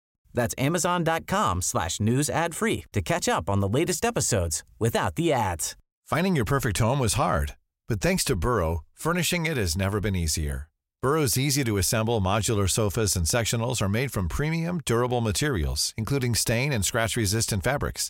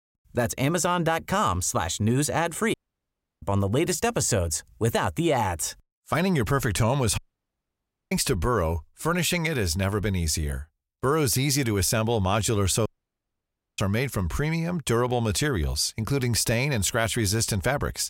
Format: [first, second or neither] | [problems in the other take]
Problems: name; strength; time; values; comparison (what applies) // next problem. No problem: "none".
first | audio cutting out; at 2.5 s for 0.5 s, at 7 s for 1 s and at 13 s for 1 s